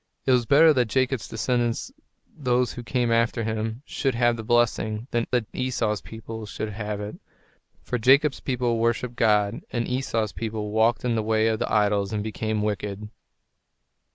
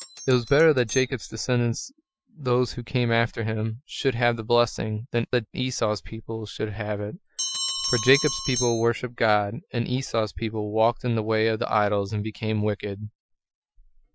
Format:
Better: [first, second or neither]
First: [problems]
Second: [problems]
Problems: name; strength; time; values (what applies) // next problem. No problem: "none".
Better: first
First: none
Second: noise reduction (classical method Wiener filter)